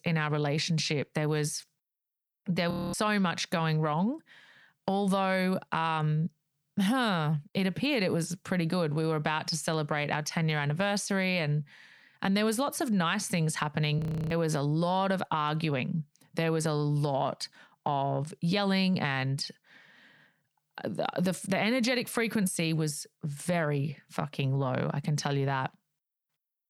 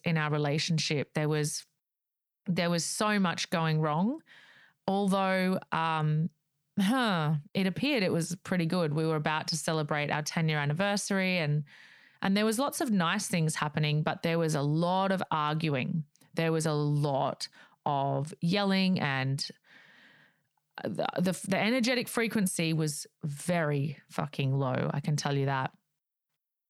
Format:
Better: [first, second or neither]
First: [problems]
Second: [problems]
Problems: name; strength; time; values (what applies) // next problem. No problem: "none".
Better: second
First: audio freezing; at 2.5 s and at 14 s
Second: none